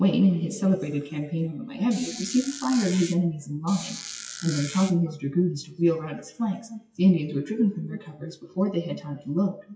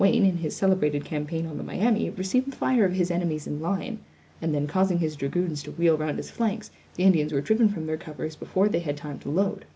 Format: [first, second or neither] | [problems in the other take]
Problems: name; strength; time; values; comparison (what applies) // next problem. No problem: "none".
second | noise reduction (classical method WPE with log-MMSE)